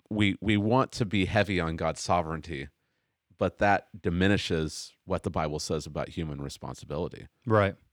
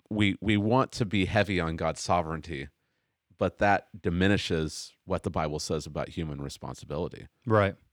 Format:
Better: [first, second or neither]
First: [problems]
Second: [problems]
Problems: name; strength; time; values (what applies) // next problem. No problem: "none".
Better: neither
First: none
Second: none